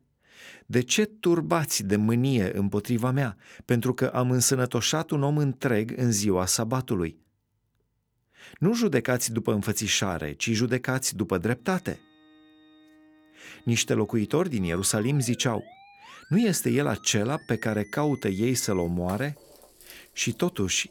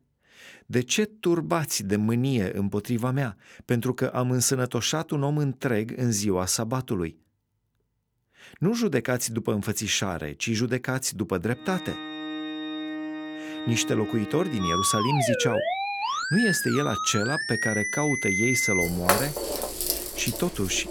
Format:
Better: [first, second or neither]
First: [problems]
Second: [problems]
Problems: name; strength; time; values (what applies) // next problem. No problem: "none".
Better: first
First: background music; faint; from 12 s on; 25 dB below the speech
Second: background music; loud; from 12 s on; 2 dB below the speech